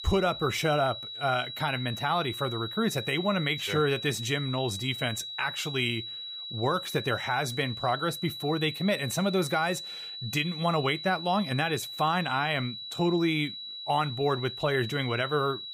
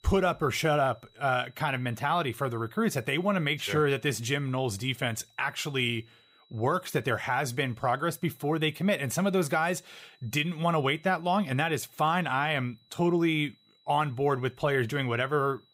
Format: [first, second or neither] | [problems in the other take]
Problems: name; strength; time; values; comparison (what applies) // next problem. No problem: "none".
second | high-pitched whine; loud; throughout; 4 kHz, 8 dB below the speech; faint in the second